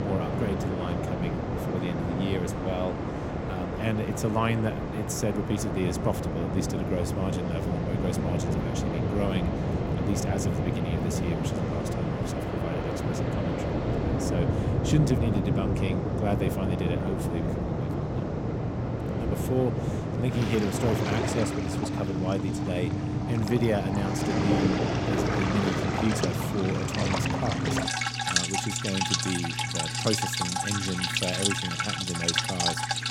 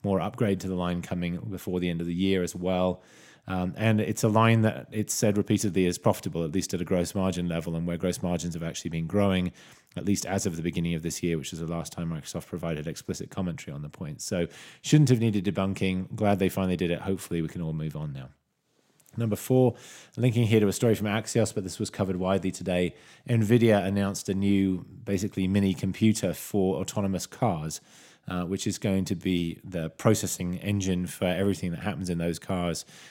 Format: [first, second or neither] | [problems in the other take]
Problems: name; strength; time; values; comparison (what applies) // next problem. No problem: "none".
second | rain or running water; very loud; throughout; 3 dB above the speech